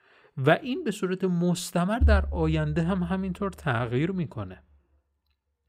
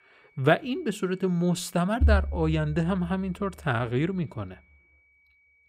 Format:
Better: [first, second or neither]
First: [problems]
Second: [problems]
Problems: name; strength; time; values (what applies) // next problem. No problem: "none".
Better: first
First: none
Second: high-pitched whine; faint; throughout; 2.5 kHz, 35 dB below the speech